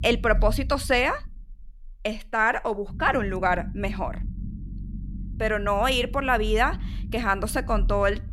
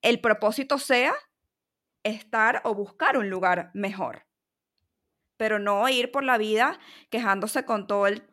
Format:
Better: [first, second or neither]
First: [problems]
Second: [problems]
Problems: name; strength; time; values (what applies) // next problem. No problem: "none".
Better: second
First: low rumble; faint; throughout; 25 dB below the speech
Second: none